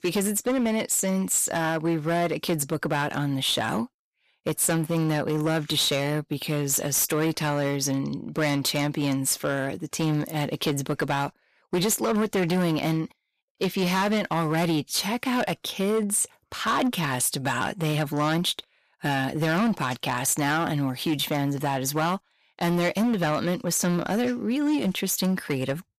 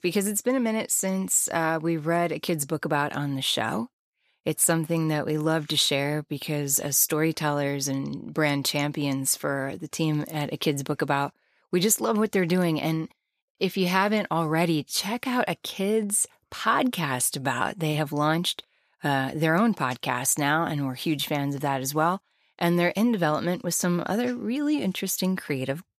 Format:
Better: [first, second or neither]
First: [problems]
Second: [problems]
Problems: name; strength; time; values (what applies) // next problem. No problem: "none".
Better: second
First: distortion; slight; 12% of the sound clipped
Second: none